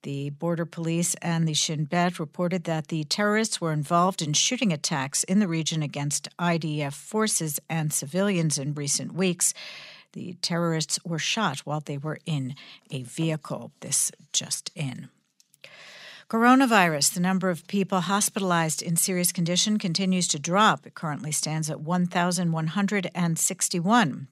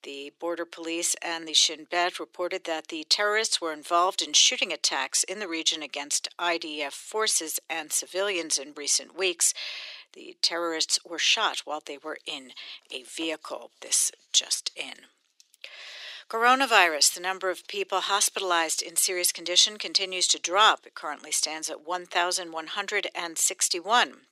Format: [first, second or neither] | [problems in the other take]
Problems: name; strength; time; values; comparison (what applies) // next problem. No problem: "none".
first | thin; very; fading below 350 Hz